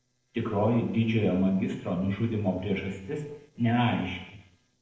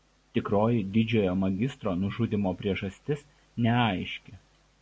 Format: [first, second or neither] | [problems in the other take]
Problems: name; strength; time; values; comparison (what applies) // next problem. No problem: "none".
second | noise reduction (neural separator model SepFormer DNS4)